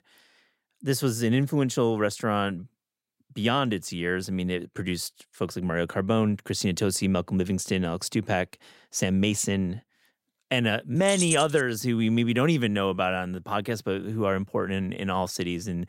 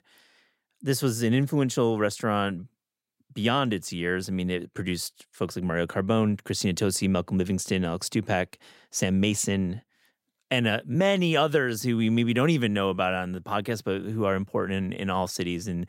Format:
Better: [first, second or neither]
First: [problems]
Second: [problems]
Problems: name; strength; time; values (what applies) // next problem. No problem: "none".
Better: second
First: jangling keys; noticeable; at 11 s; peak level with the speech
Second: none